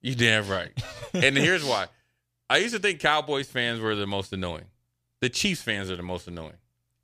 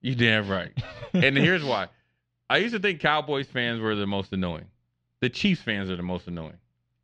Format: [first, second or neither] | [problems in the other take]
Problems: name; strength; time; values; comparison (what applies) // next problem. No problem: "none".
first | muffled; slightly; fading above 4 kHz